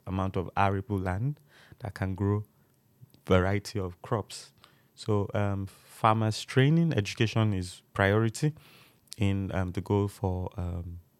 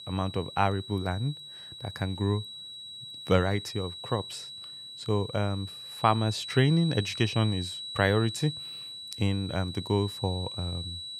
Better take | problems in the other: first | high-pitched whine; loud; throughout; 4 kHz, 9 dB below the speech

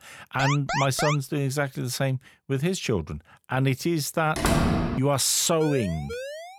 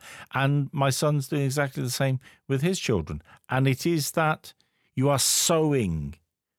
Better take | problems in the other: second | alarm; noticeable; at 0.5 s; peak 2 dB below the speech // door banging; loud; at 4.5 s; peak 3 dB above the speech // siren; noticeable; at 5.5 s; peak 9 dB below the speech

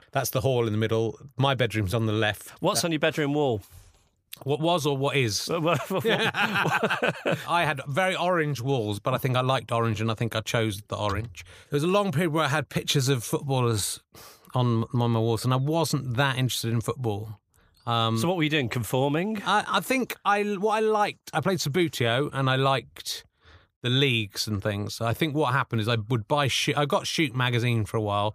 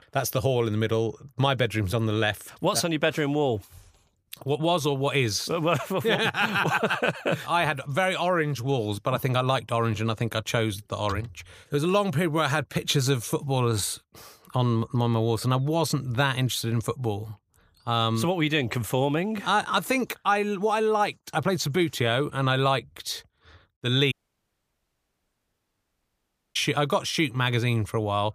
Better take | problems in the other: first | audio cutting out; at 24 s for 2.5 s

